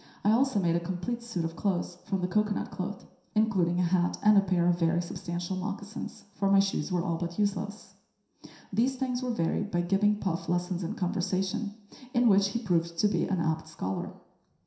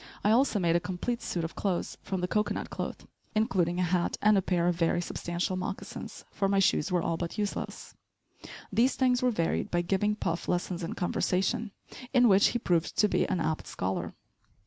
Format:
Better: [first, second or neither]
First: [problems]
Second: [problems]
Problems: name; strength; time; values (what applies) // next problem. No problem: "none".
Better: second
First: room echo; dies away in 0.7 s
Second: none